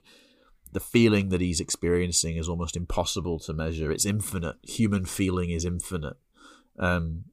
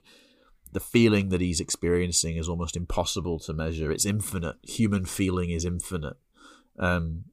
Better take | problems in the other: neither | none

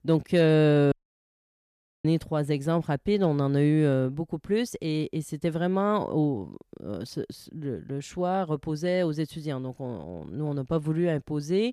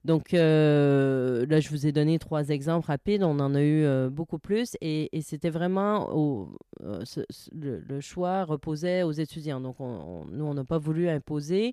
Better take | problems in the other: second | audio cutting out; at 1 s for 1 s

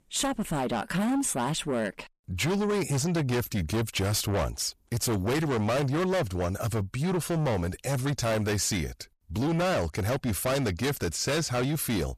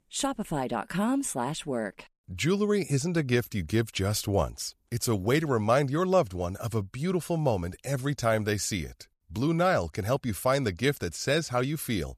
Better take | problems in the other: second | distortion; heavy; 6 dB below the speech

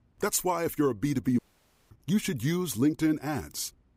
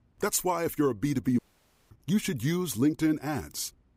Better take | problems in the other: neither | audio cutting out; at 1.5 s for 0.5 s; the same in both

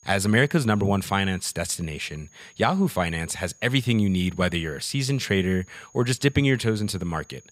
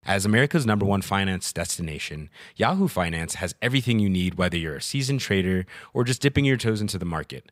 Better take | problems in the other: second | high-pitched whine; faint; throughout; 6.5 kHz, 30 dB below the speech

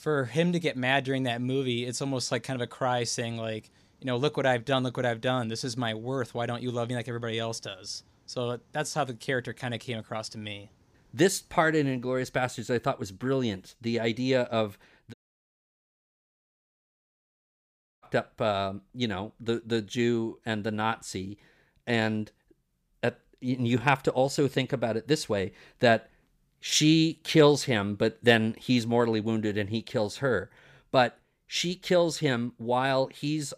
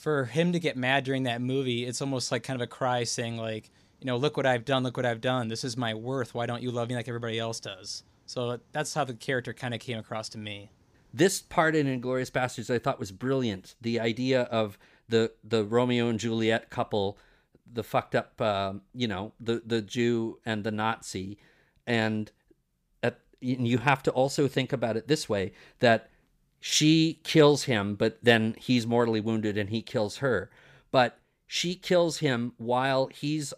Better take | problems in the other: second | audio cutting out; at 15 s for 3 s

